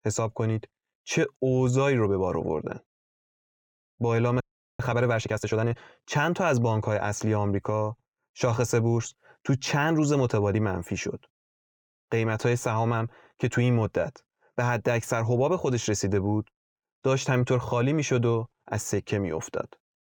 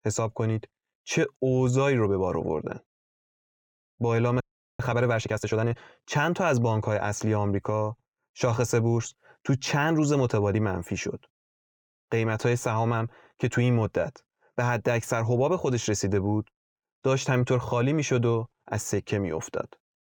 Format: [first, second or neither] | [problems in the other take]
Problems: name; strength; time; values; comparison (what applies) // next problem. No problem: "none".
neither | audio freezing; at 4.5 s; the same in both